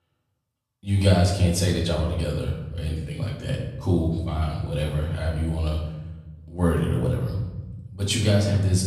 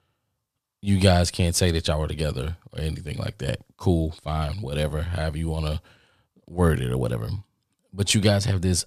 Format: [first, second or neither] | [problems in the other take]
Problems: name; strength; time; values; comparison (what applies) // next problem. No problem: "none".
second | off-mic speech; far // room echo; noticeable; dies away in 1.1 s